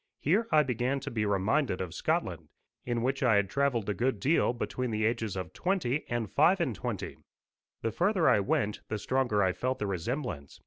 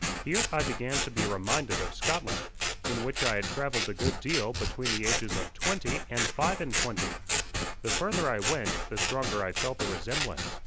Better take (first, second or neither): first